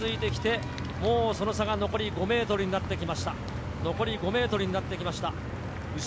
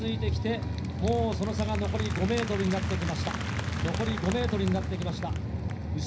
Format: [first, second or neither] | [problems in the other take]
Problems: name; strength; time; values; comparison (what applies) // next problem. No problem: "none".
first | background sound (Applause); 13 dB below the speech // room echo; dies away in 0.5 s